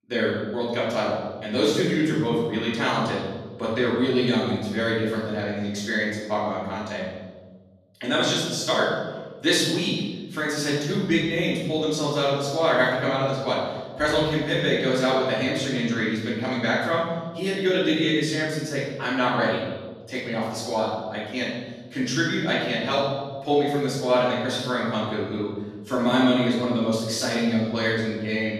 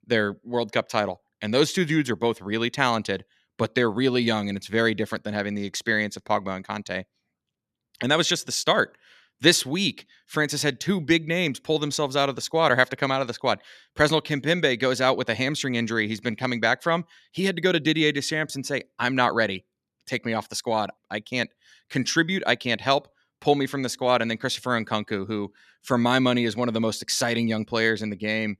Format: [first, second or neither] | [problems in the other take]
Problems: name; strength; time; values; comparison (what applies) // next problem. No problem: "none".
second | room echo; strong; dies away in 1.3 s // off-mic speech; far